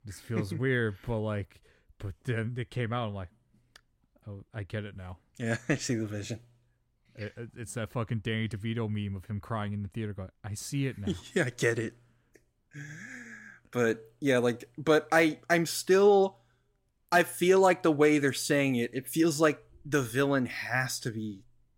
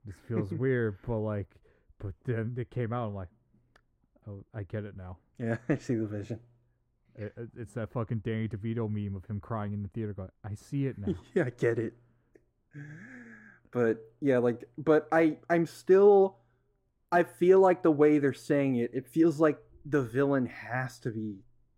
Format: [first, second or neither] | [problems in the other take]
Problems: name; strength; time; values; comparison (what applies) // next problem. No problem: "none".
first | muffled; slightly; fading above 2 kHz